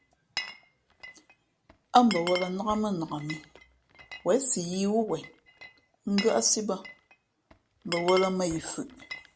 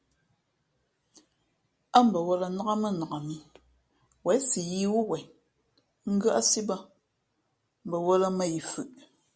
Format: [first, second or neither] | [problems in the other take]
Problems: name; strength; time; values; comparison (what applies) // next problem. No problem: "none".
second | background sound (Glass); 13 dB below the speech